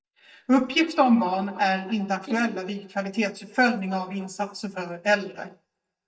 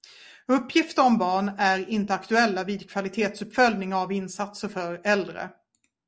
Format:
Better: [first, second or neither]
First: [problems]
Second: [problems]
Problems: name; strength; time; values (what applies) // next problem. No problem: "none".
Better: second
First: noise reduction (neural mask model DeepFilterNet 3)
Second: none